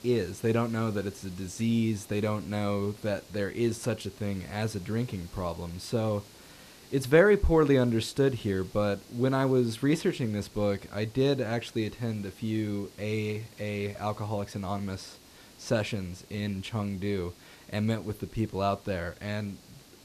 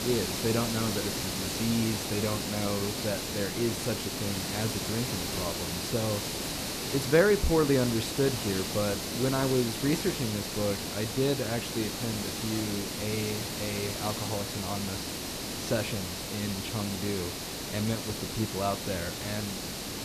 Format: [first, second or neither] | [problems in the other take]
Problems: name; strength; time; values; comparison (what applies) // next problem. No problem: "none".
first | hiss; loud; throughout; 1 dB below the speech; faint in the first